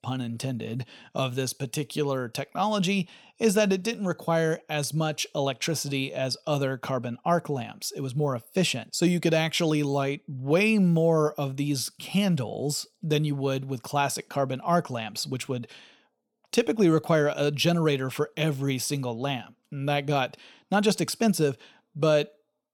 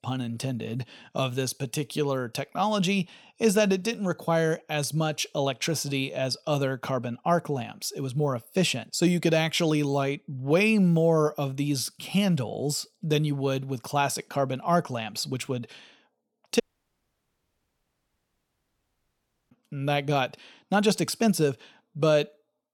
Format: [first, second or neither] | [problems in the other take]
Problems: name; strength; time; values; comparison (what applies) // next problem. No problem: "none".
first | audio cutting out; at 17 s for 3 s